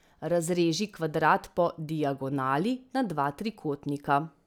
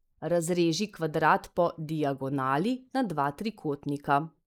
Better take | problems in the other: first | noise reduction (neural mask model Resemble Enhance denoiser)

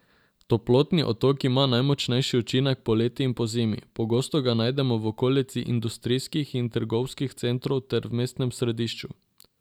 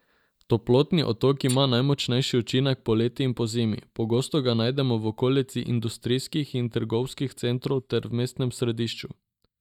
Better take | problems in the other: first | noise reduction (neural mask model DeepFilterNet 3)

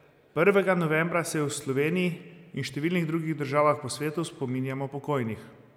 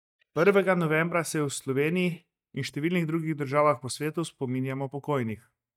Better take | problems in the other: first | noise reduction (neural mask model DeepFilterNet 3)

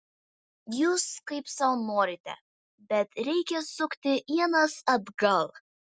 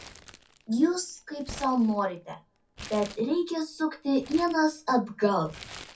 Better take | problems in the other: first | background sound (Crumpling, crinkling); 19 dB below the speech // room echo; dies away in 0.3 s

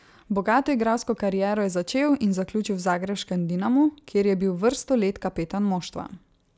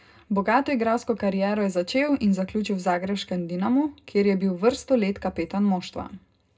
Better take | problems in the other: first | room echo; dies away in 0.2 s

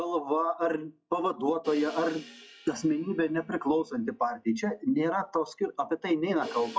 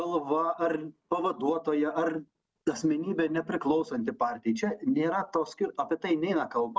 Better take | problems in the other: second | noise reduction (classical method log-MMSE)

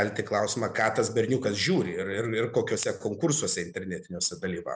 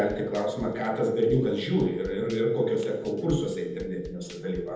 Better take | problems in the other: first | background sound (Drum / Drum kit); 19 dB below the speech // room echo; dies away in 1 s

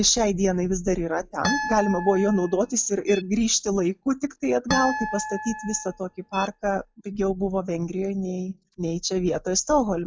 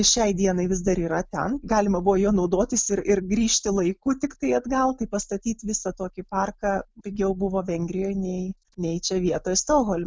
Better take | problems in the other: second | noise reduction (classical method log-MMSE)

